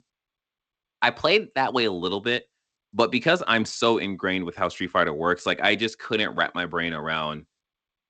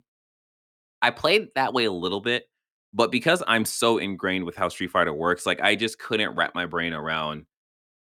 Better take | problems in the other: second | garbled, watery; slightly; nothing above 8 kHz

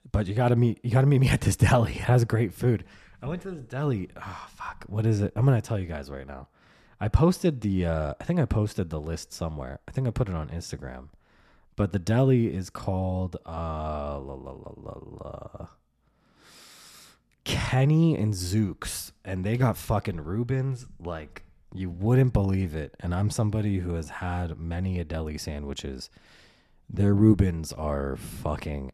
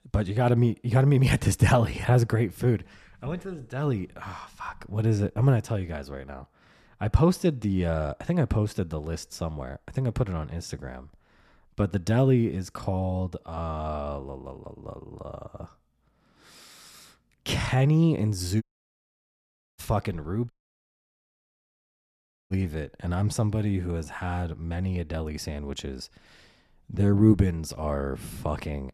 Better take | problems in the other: first | audio cutting out; at 19 s for 1 s and at 21 s for 2 s

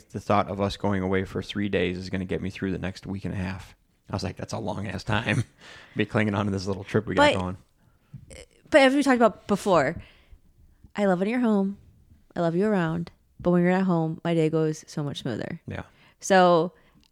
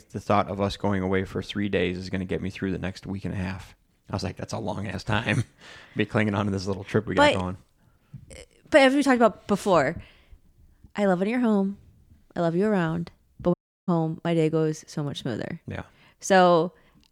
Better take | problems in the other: first | audio cutting out; at 14 s

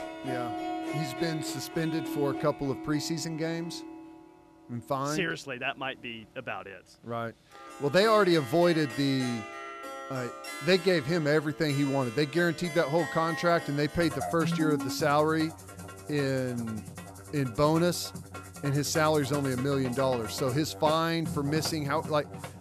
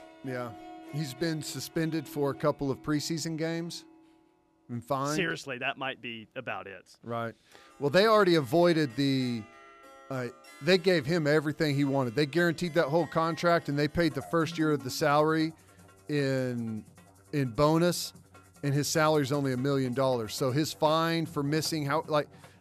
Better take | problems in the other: second | background music; loud; throughout; 10 dB below the speech; faint in the second

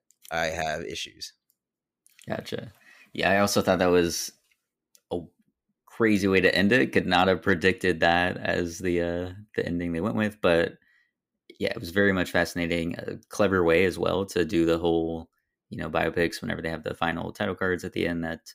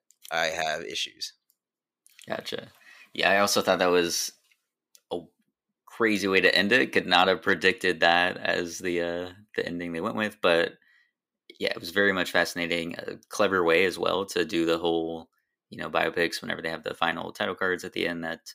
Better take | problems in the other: first | thin; very slightly; fading below 800 Hz

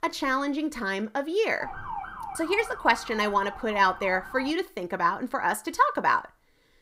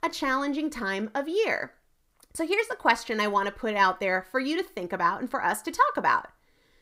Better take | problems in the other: second | siren; noticeable; from 1.5 to 4.5 s; peak 9 dB below the speech

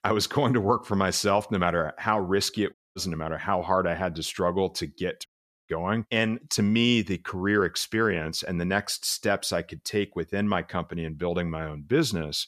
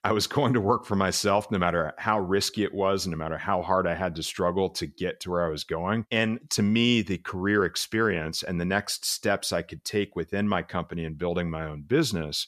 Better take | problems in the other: second | audio cutting out; at 2.5 s and at 5.5 s

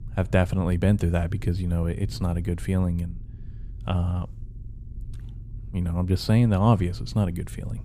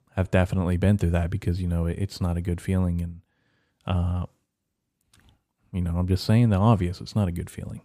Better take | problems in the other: second | low rumble; faint; throughout; 25 dB below the speech

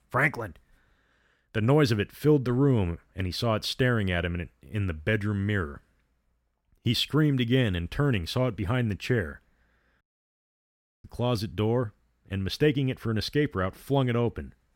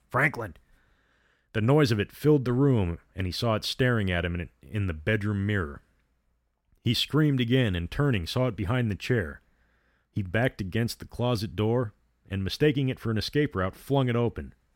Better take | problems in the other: second | audio cutting out; at 10 s for 1 s

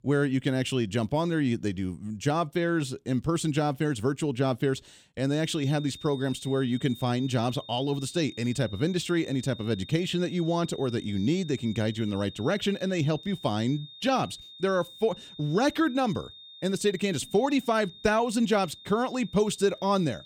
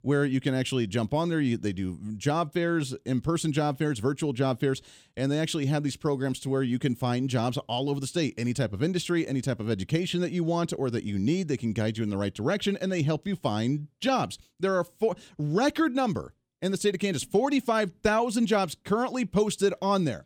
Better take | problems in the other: second | high-pitched whine; noticeable; from 5.5 s on; 3.5 kHz, 15 dB below the speech

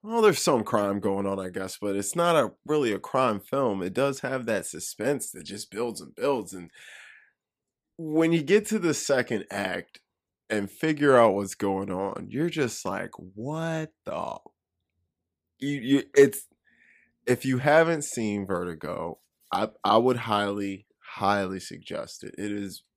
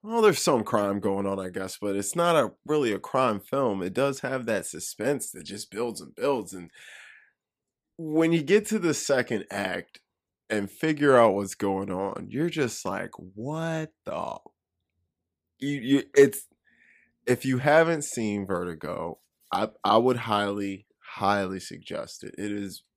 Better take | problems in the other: neither | none

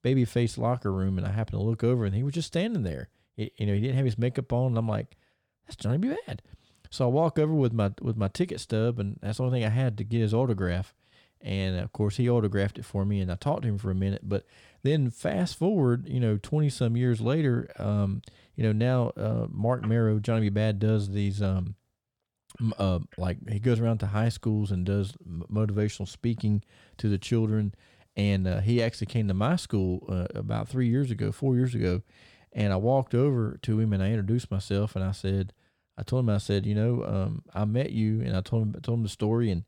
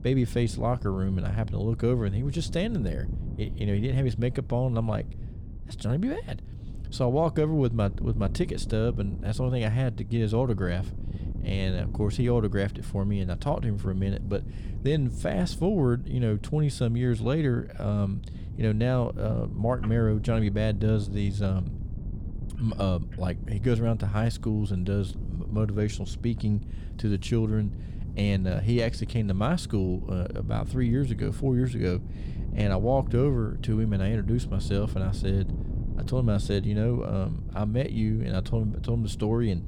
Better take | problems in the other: first | wind noise on the microphone; occasional gusts; 15 dB below the speech

